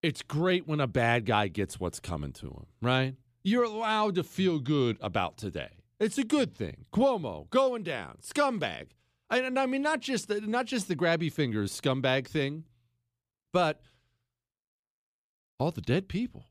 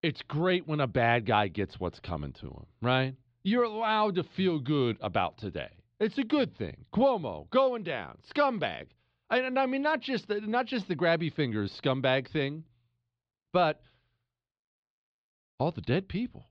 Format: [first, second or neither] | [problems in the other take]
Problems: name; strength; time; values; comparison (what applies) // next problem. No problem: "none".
first | muffled; very slightly; fading above 4.5 kHz